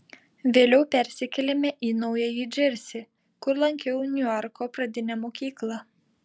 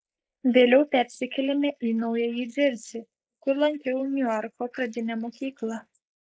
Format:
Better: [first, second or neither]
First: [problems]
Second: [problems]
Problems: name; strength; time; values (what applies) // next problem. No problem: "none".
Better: first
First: none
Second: noise reduction (neural mask model Resemble Enhance denoiser)